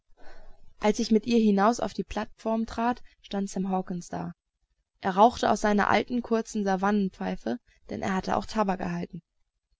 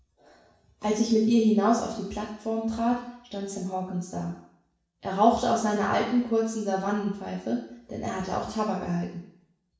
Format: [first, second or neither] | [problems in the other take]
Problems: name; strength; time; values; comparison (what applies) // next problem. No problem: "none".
first | room echo; dies away in 0.7 s